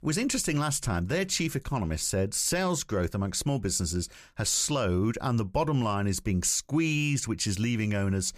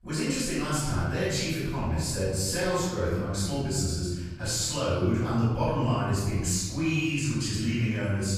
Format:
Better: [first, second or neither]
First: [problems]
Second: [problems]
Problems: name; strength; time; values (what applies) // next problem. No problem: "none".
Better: first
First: none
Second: room echo; strong; dies away in 1.3 s // off-mic speech; far